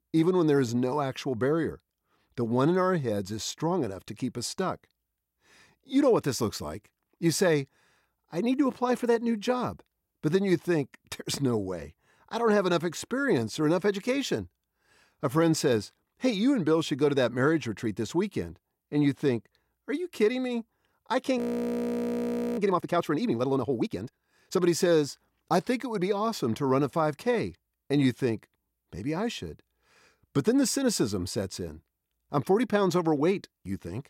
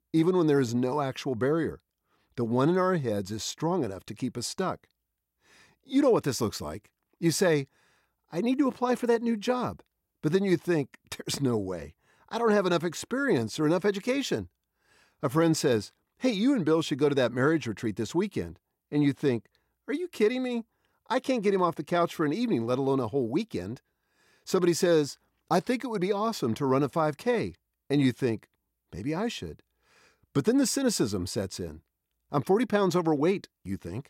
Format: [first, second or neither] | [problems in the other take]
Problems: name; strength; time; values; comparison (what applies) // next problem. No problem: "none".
second | audio freezing; at 21 s for 1 s